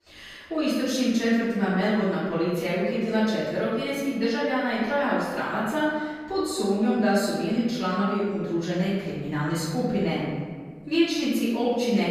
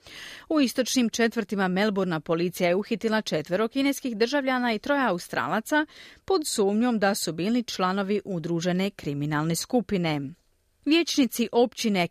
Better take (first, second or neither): second